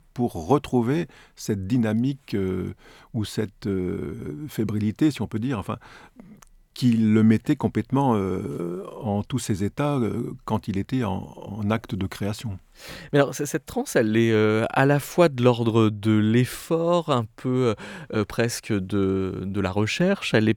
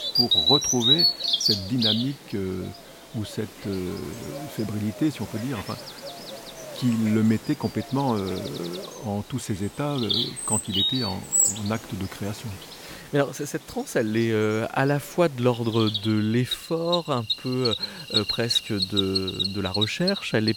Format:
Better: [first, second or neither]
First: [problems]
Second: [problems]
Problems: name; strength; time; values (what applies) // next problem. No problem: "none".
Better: first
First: none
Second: animal sounds; very loud; throughout; 4 dB above the speech